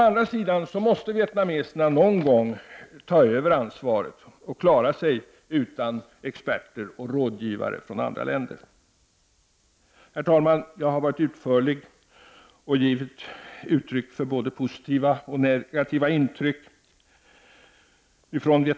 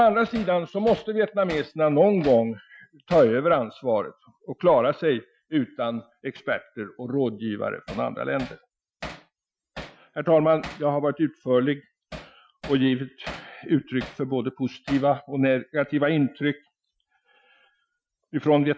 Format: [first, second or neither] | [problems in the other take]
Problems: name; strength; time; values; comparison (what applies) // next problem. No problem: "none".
first | noise reduction (classical method Wiener filter)